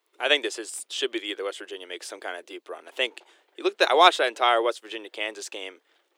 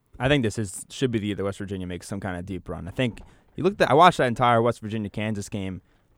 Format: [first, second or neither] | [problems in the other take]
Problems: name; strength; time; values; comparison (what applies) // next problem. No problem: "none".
second | thin; very; fading below 350 Hz